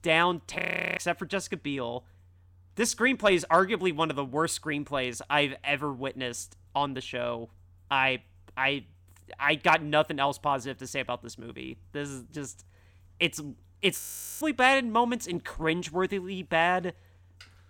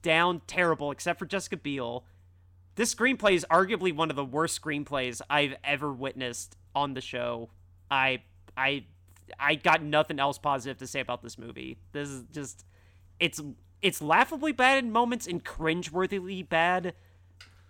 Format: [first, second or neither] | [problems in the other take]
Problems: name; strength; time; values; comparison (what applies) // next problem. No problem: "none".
second | audio freezing; at 0.5 s and at 14 s